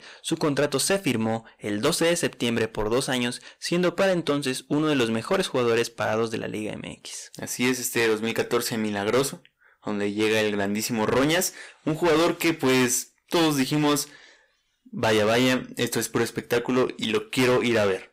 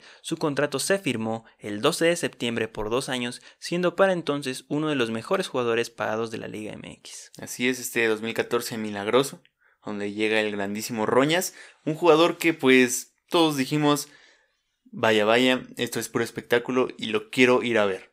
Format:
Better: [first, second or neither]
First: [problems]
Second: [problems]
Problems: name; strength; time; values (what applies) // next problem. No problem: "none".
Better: second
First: distortion; heavy; 11% of the sound clipped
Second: none